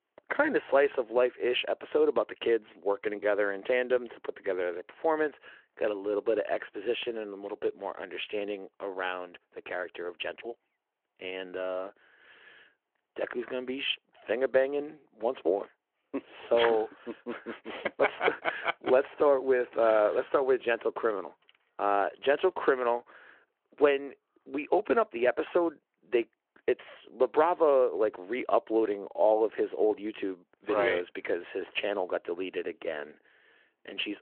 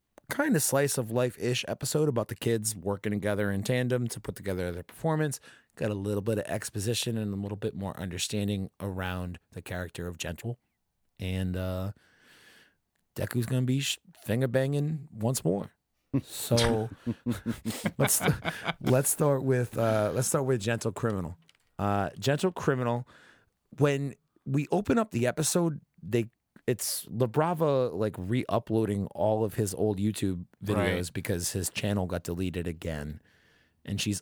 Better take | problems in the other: second | phone-call audio

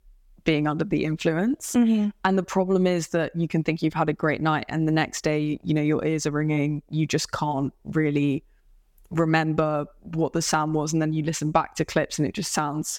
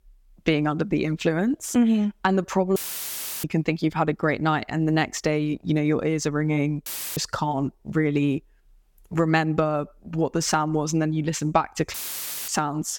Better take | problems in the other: first | audio cutting out; filled with static; at 3 s for 0.5 s, at 7 s and at 12 s for 0.5 s

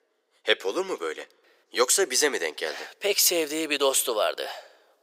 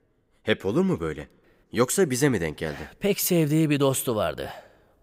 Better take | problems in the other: second | thin; very; fading below 400 Hz

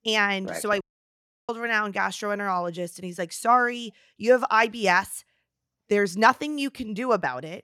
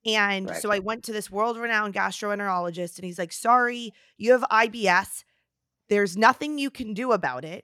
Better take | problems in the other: second | audio cutting out; at 1 s for 0.5 s

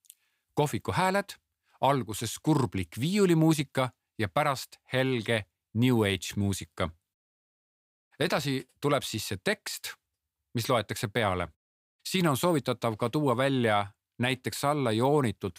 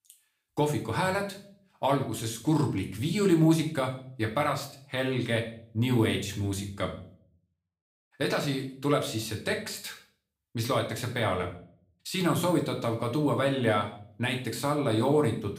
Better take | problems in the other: first | room echo; slight; dies away in 0.5 s // off-mic speech; somewhat distant

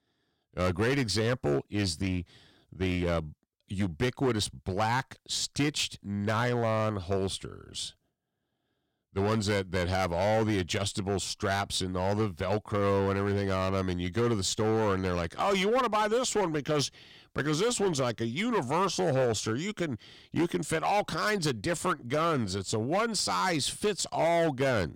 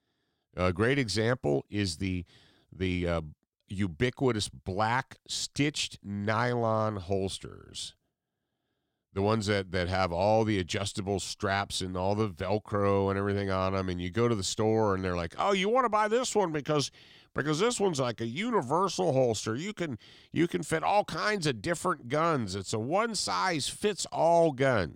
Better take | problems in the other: second | distortion; slight; 9% of the sound clipped

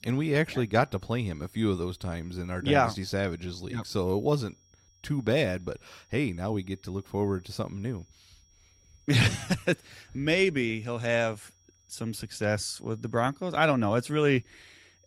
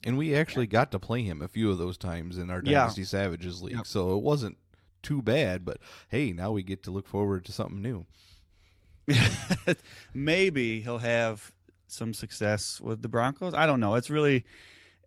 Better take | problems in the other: second | high-pitched whine; faint; throughout; 5.5 kHz, 35 dB below the speech

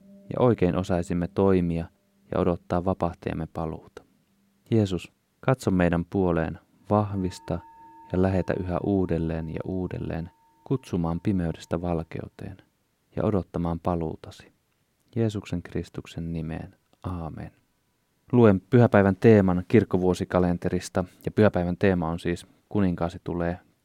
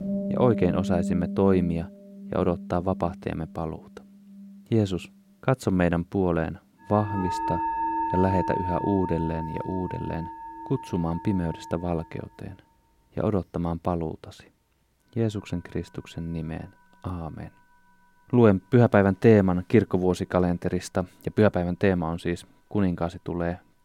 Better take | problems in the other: first | background music; loud; throughout; 6 dB below the speech; faint in the first

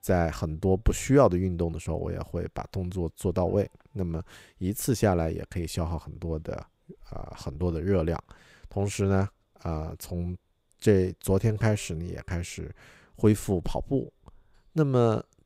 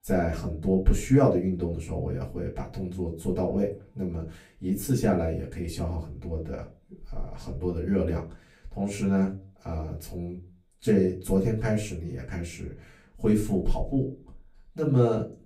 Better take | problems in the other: first | off-mic speech; far // room echo; very slight; dies away in 0.3 s

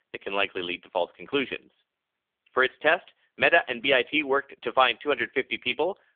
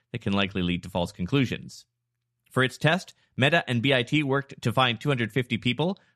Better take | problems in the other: second | phone-call audio; poor line; nothing above 3.5 kHz

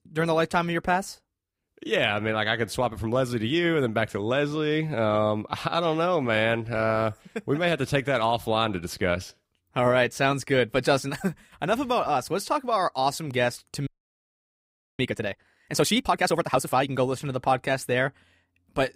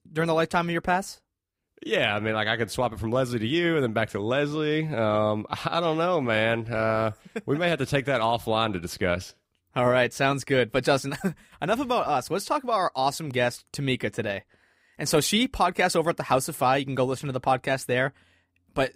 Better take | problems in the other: second | audio freezing; at 14 s for 1 s

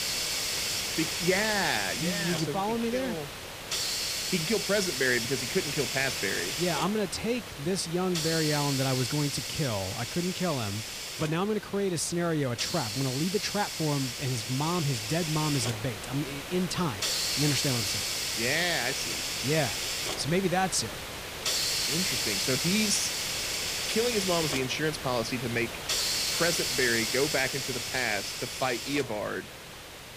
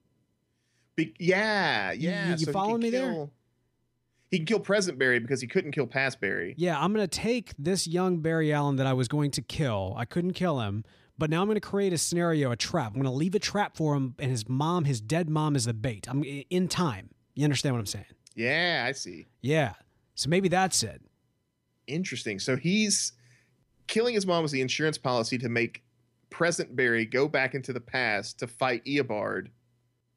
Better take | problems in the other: second | hiss; loud; throughout; as loud as the speech

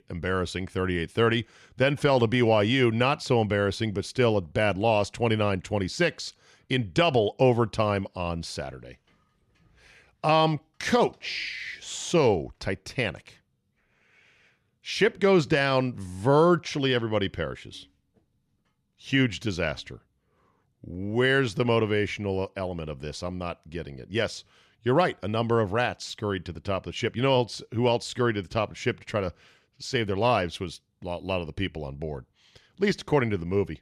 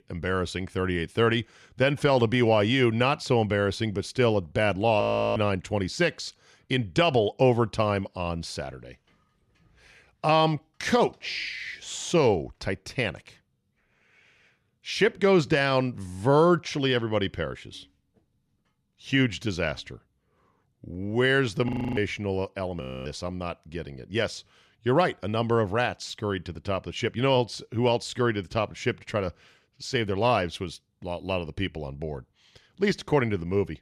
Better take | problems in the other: first | audio freezing; at 5 s, at 22 s and at 23 s

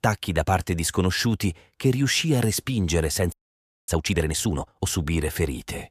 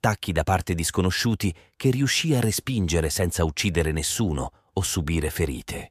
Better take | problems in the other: second | audio freezing; at 3.5 s for 0.5 s

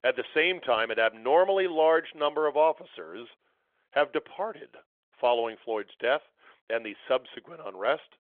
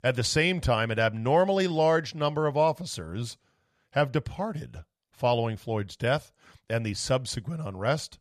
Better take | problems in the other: second | phone-call audio; nothing above 3.5 kHz

